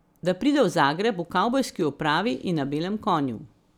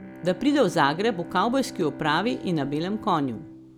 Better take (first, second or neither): first